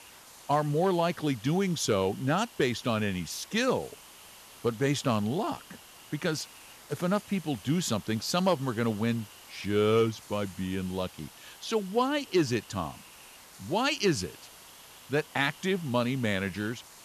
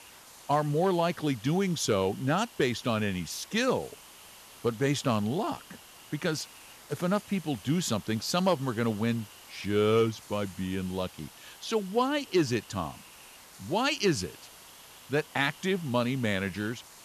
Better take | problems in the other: neither | hiss; noticeable; throughout; 20 dB below the speech; the same in both

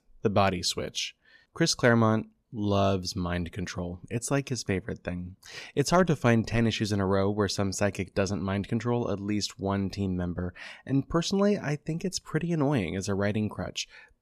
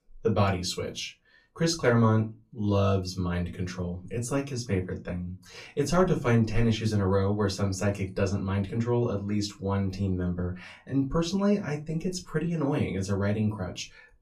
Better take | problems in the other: first | off-mic speech; far // room echo; very slight; dies away in 0.2 s

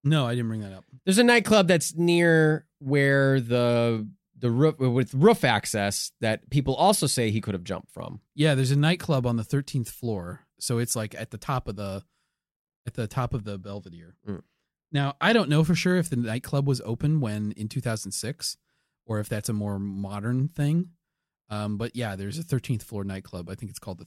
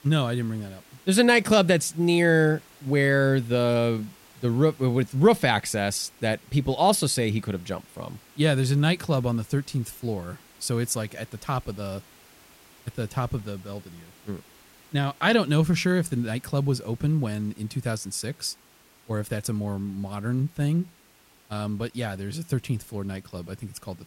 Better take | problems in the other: first | hiss; faint; throughout; 25 dB below the speech

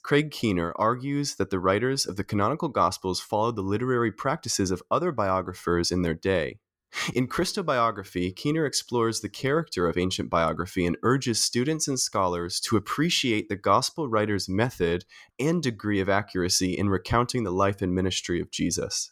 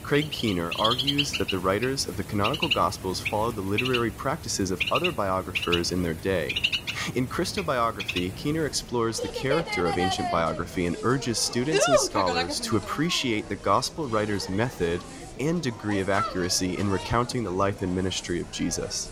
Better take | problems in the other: first | animal sounds; loud; throughout; 3 dB below the speech

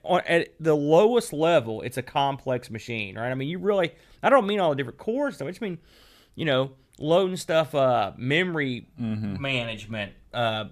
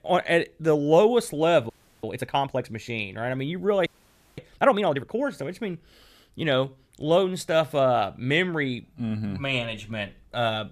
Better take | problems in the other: first | audio freezing; at 1.5 s and at 4 s for 0.5 s

